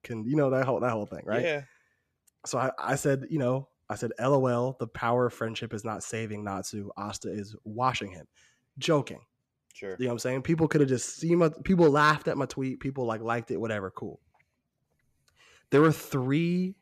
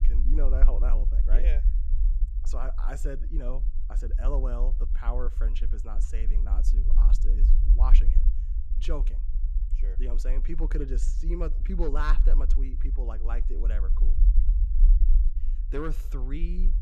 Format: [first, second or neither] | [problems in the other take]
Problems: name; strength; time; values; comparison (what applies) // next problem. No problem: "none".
first | low rumble; noticeable; throughout; 10 dB below the speech